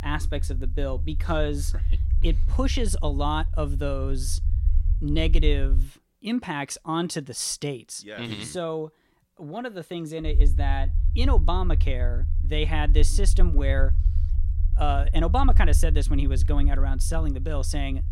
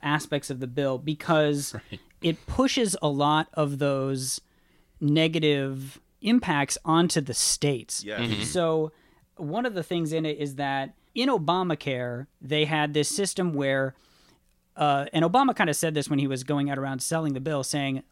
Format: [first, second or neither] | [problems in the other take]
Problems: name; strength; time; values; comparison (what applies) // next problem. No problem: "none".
second | low rumble; noticeable; until 6 s and from 10 s on; 15 dB below the speech